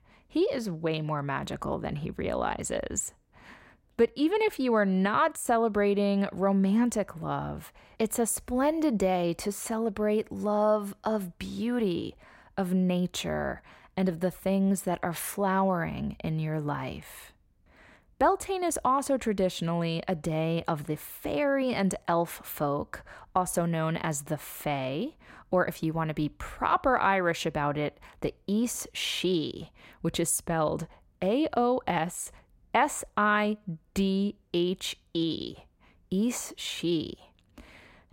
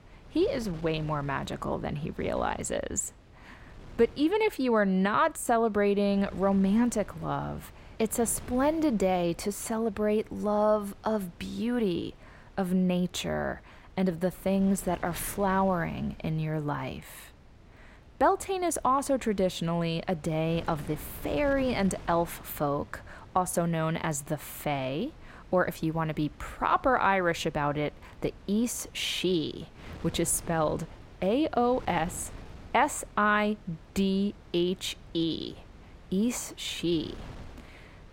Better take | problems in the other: first | wind noise on the microphone; occasional gusts; 25 dB below the speech

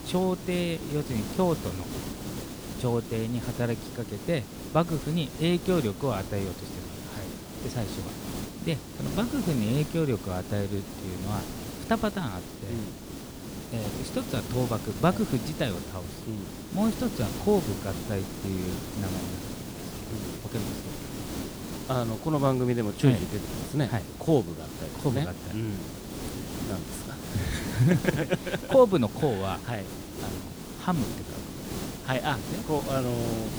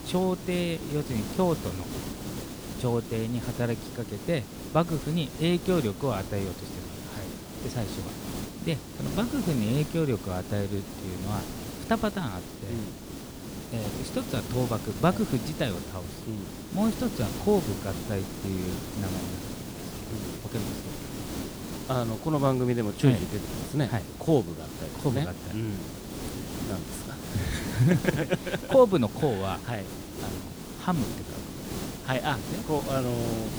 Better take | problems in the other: neither | hiss; loud; throughout; 8 dB below the speech; the same in both

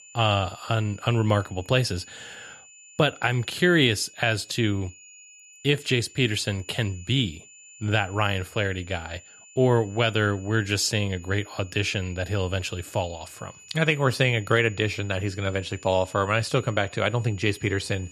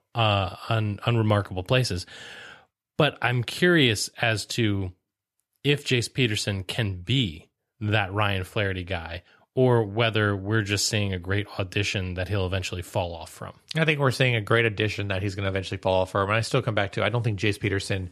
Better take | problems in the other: second | high-pitched whine; faint; throughout; 7 kHz, 20 dB below the speech

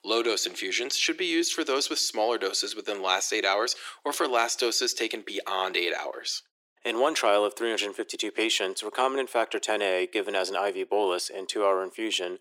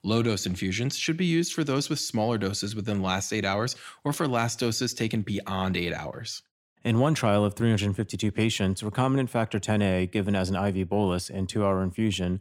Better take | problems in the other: second | thin; very; fading below 350 Hz

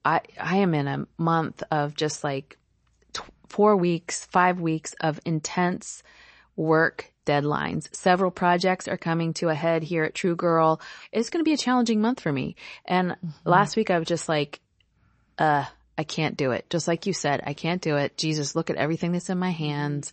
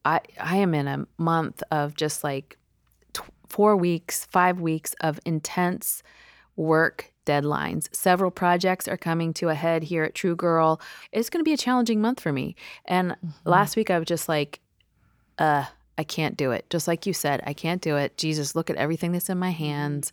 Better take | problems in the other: second | garbled, watery; slightly; nothing above 8 kHz

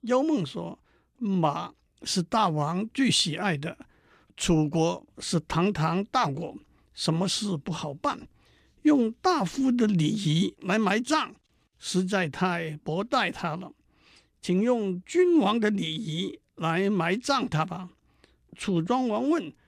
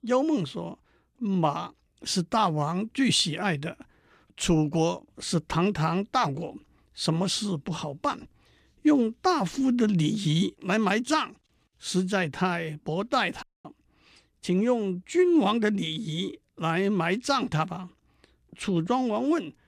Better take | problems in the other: first | audio cutting out; at 13 s

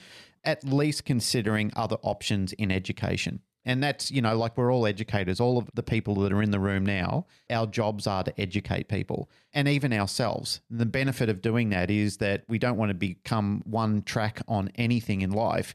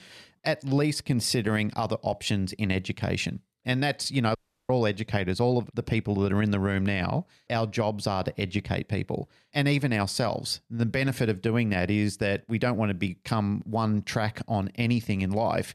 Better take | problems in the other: first | audio cutting out; at 4.5 s

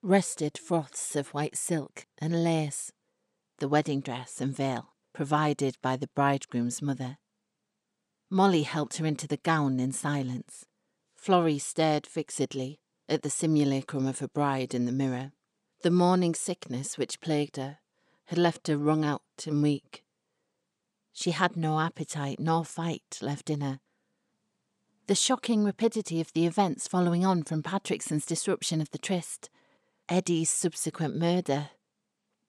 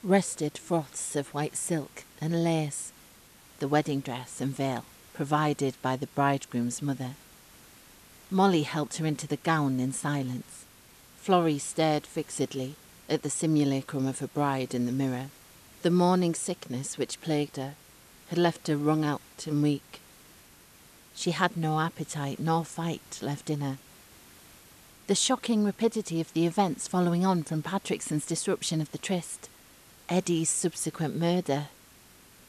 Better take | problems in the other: first | hiss; faint; throughout; 25 dB below the speech

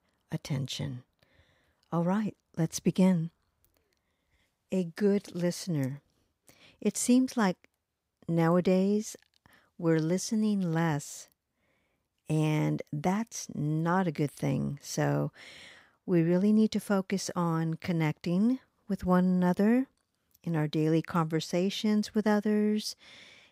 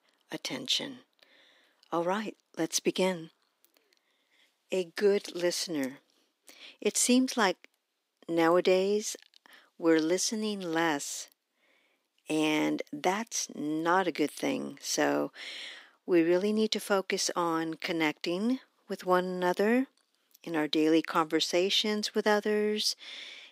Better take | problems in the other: first | thin; somewhat; fading below 300 Hz

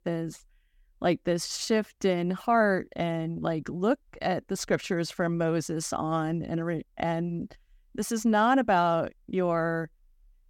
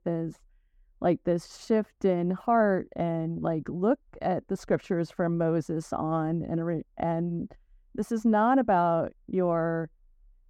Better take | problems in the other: first | muffled; slightly; fading above 1.5 kHz

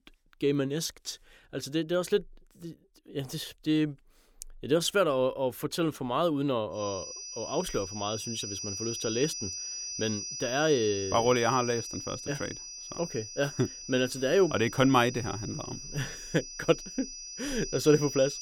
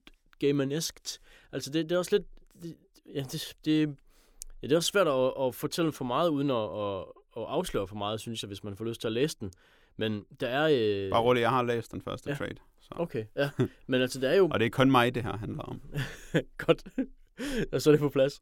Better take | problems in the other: second | high-pitched whine; loud; from 7 s on; 6 kHz, 8 dB below the speech

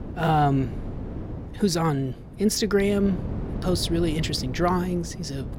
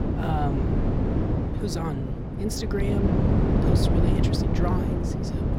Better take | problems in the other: first | wind noise on the microphone; heavy; 2 dB above the speech; occasional gusts in the first

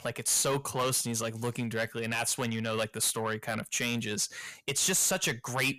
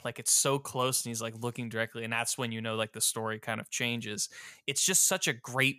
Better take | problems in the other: second | distortion; heavy; 7 dB below the speech

